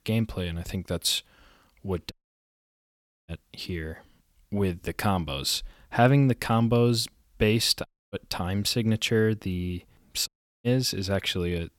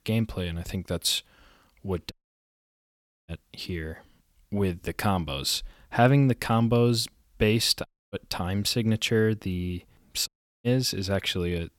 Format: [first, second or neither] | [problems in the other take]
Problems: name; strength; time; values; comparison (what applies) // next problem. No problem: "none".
neither | audio cutting out; at 2 s for 1 s, at 8 s and at 10 s; the same in both